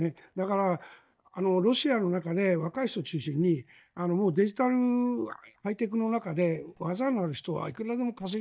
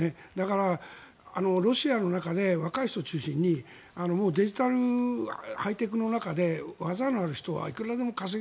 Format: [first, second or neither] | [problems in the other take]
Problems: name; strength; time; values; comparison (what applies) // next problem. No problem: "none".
second | noise reduction (neural mask model DeepFilterNet 3)